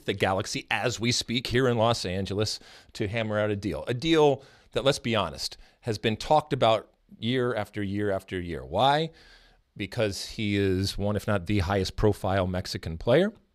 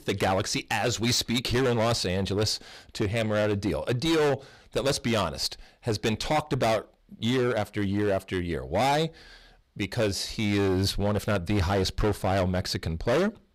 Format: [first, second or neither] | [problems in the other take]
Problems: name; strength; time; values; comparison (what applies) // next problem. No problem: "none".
first | distortion; heavy; 14% of the sound clipped